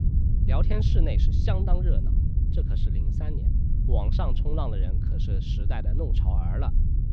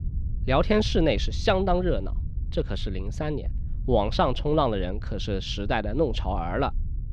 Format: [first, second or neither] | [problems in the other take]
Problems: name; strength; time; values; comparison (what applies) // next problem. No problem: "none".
second | low rumble; loud; throughout; 3 dB below the speech; faint in the second